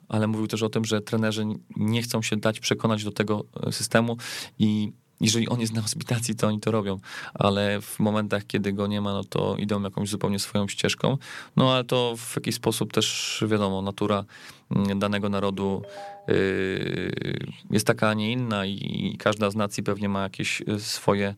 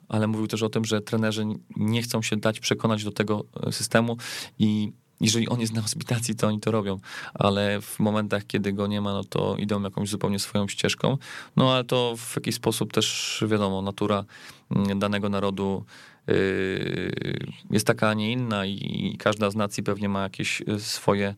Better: second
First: phone ringing; faint; at 16 s; peak 15 dB below the speech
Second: none

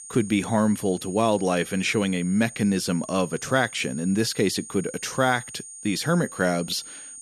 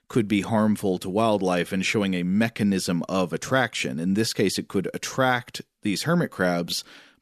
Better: second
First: high-pitched whine; noticeable; throughout; 9 kHz, 15 dB below the speech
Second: none

